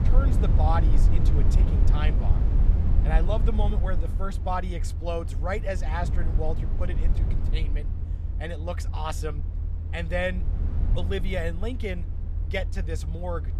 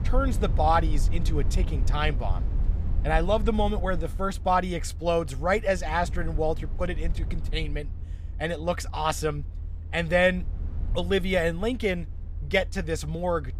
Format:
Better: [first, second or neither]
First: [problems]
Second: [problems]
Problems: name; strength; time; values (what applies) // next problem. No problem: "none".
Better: second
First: low rumble; loud; throughout; 9 dB below the speech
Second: low rumble; faint; throughout; 20 dB below the speech